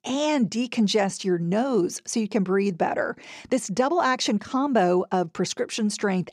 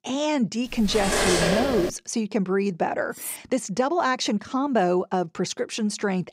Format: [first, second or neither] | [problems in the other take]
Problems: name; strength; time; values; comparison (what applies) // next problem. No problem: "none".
first | clattering dishes; loud; from 0.5 to 2 s; peak 4 dB above the speech // clattering dishes; noticeable; at 3 s; peak 8 dB below the speech